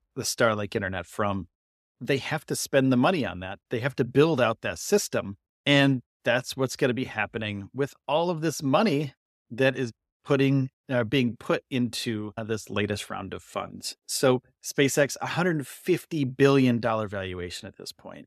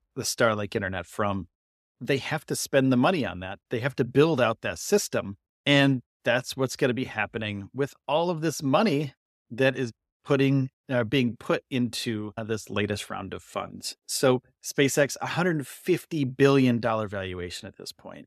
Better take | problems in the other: neither | none

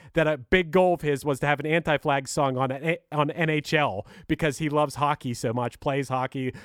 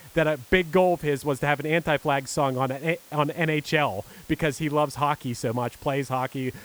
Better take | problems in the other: first | hiss; faint; throughout; 20 dB below the speech

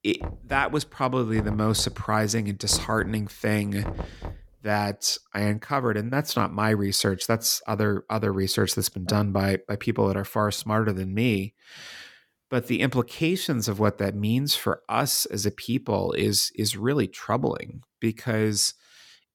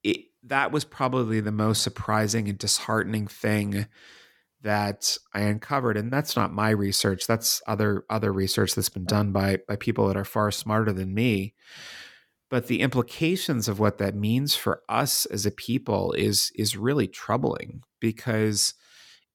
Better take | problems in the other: second | door banging; noticeable; until 4.5 s; peak 10 dB below the speech

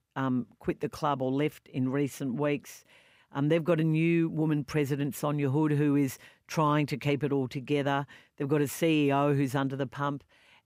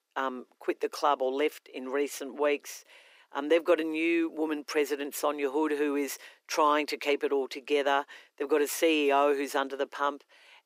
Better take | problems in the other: first | thin; somewhat; fading below 350 Hz

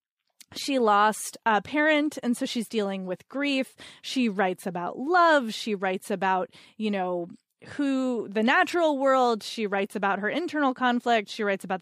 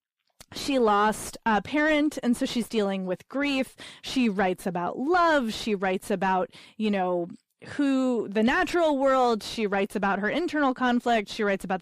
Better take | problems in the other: first | distortion; slight; 10 dB below the speech

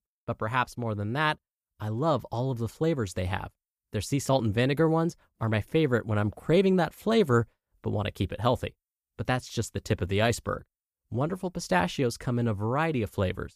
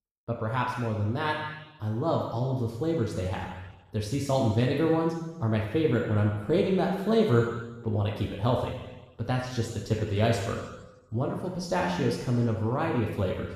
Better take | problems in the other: first | room echo; noticeable; dies away in 1.1 s // off-mic speech; far

